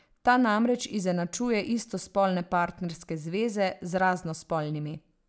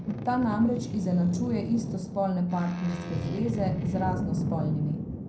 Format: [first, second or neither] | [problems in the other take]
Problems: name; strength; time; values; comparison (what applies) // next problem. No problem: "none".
first | background sound (Boat, Water vehicle); 4 dB below the speech // room echo; dies away in 0.5 s